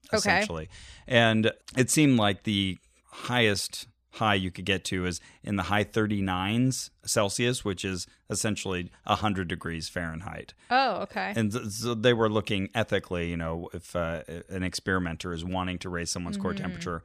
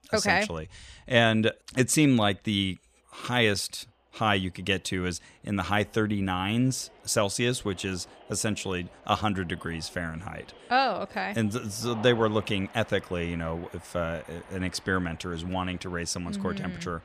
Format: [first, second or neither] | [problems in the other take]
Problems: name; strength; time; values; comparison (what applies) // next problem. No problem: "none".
first | crowd noise; faint; throughout; 20 dB below the speech